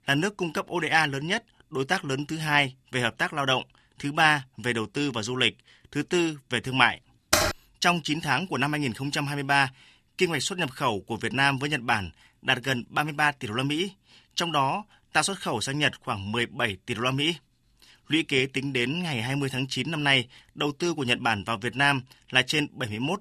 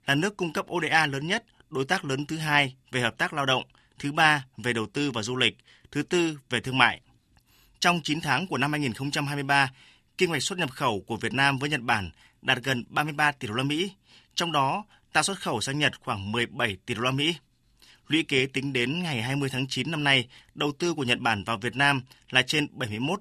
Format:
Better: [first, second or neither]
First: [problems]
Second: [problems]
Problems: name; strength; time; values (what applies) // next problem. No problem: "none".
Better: second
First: keyboard typing; loud; at 7.5 s; peak 3 dB above the speech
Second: none